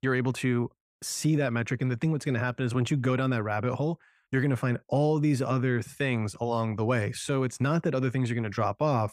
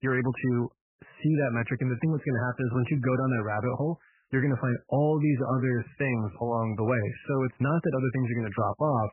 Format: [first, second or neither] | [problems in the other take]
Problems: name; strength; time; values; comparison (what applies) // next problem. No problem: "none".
first | garbled, watery; badly; nothing above 2.5 kHz